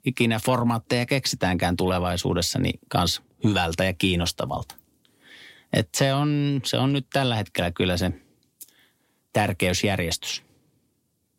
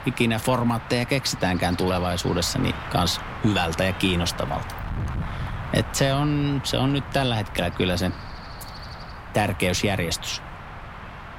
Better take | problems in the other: first | wind noise on the microphone; occasional gusts; 10 dB below the speech

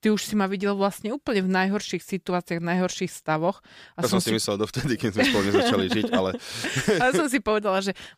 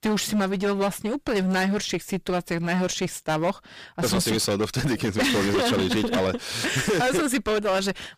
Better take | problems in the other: first | distortion; heavy; 21% of the sound clipped

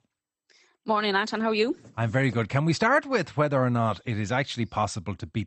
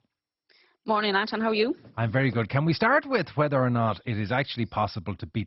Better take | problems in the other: first | garbled, watery; badly; nothing above 5.5 kHz; slightly in the first

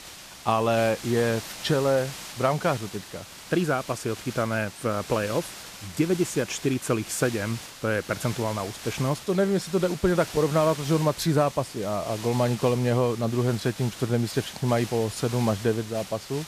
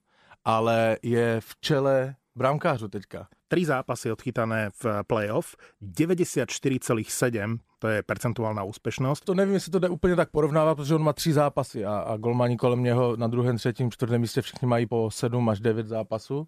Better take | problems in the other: second | hiss; noticeable; throughout; 15 dB below the speech

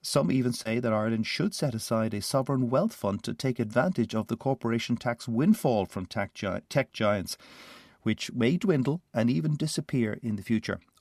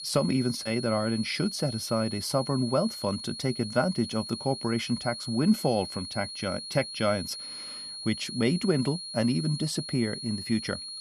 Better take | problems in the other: first | high-pitched whine; loud; throughout; 4.5 kHz, 8 dB below the speech

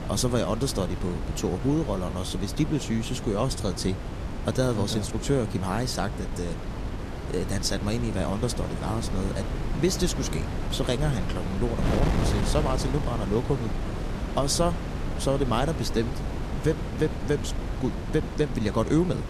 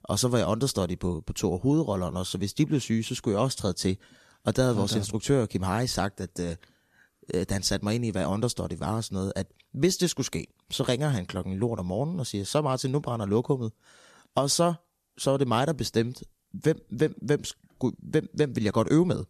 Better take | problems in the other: second | wind noise on the microphone; heavy; 7 dB below the speech

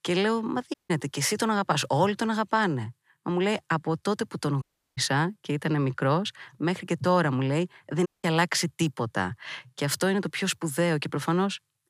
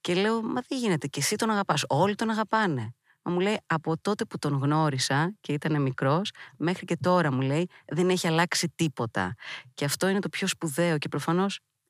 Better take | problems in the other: second | audio cutting out; at 0.5 s, at 4.5 s and at 8 s

